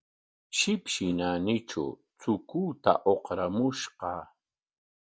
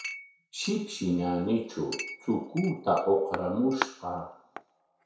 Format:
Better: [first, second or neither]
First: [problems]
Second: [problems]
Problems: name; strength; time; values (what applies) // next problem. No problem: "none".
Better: first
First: none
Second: background sound (Chink, clink); 12 dB below the speech // room echo; dies away in 0.6 s